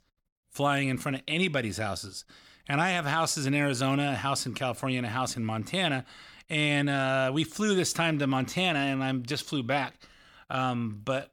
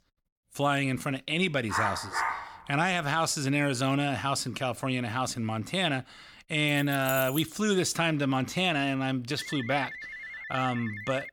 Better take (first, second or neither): first